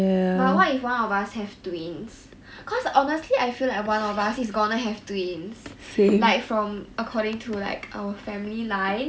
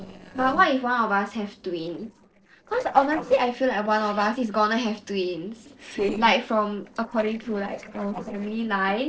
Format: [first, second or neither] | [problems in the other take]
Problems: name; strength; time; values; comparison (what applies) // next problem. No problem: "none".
first | noise reduction (neural separator model SepFormer DNS4)